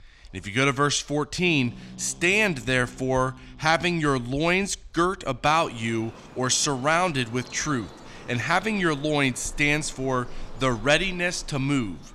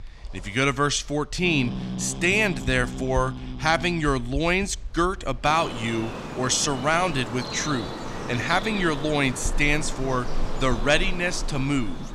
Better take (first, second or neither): first